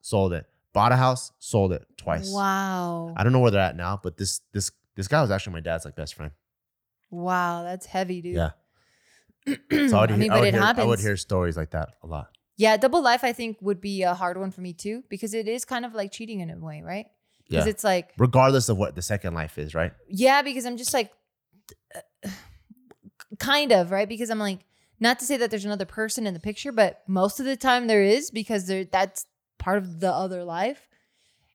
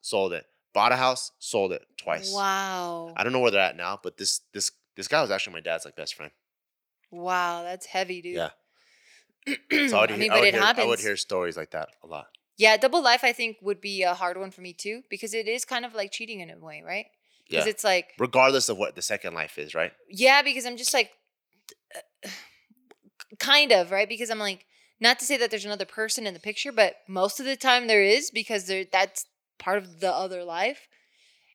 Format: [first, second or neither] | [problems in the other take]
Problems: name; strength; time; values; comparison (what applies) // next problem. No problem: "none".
first | thin; somewhat; fading below 350 Hz